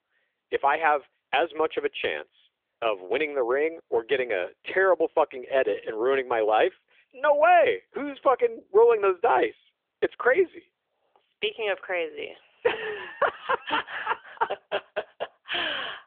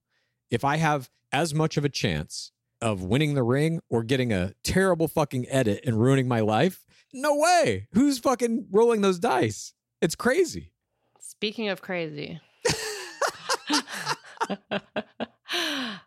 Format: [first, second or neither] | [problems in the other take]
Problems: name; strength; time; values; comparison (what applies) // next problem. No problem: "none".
second | phone-call audio; nothing above 3.5 kHz